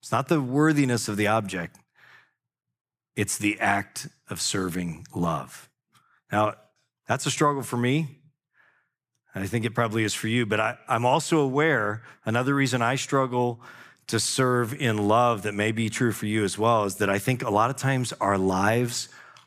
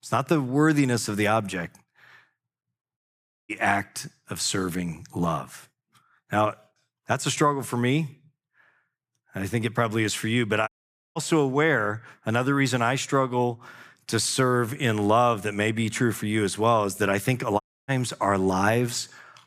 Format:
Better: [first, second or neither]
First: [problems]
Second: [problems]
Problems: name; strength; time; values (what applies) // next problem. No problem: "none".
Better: first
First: none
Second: audio cutting out; at 3 s, at 11 s and at 18 s